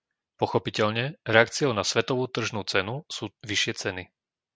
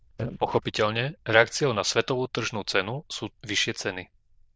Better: first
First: none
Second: noise reduction (neural diffusion model UNIVERSE++)

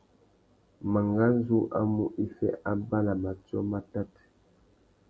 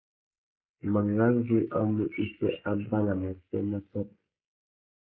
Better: first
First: none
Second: noise reduction (neural mask model Resemble Enhance denoiser)

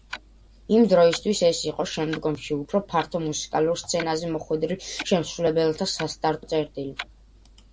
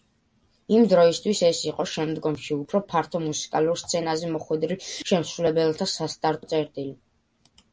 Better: second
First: background sound (Clock); 19 dB below the speech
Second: none

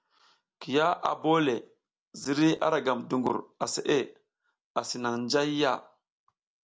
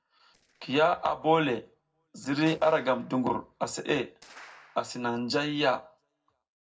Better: first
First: none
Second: noise reduction (neural separator model SepFormer DNS4)

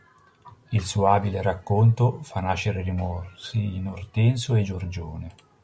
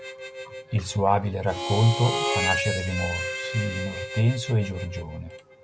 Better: first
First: none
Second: background sound (Harmonica); 5 dB below the speech

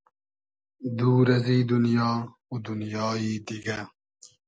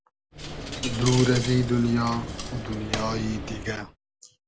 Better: first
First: none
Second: background sound (Coin (dropping)); 7 dB below the speech

